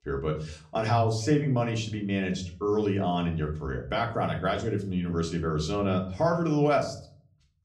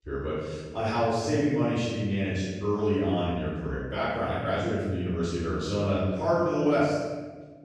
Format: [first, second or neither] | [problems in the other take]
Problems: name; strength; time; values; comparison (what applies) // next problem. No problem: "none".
first | room echo; strong; dies away in 1.2 s; slight in the first // off-mic speech; far; far in the first